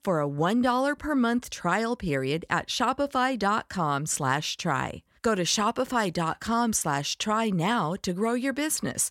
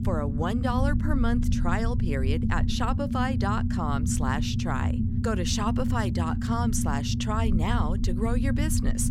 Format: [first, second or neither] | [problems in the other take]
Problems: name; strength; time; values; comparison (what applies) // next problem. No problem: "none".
first | low rumble; loud; throughout; 6 dB below the speech